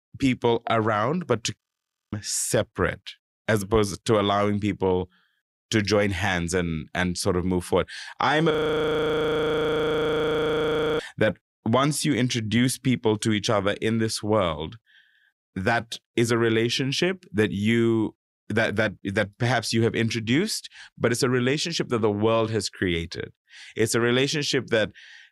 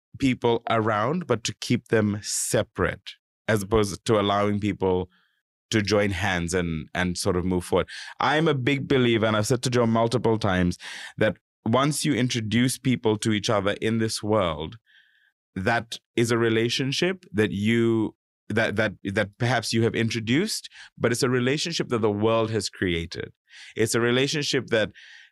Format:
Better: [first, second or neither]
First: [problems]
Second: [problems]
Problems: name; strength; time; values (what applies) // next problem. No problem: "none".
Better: second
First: audio freezing; at 1.5 s for 0.5 s and at 8.5 s for 2.5 s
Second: none